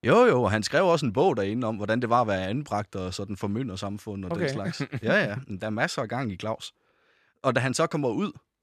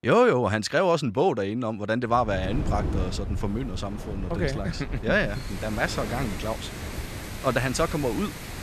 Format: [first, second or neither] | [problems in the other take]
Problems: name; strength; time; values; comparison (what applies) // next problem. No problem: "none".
first | wind in the background; loud; from 2.5 s on; 8 dB below the speech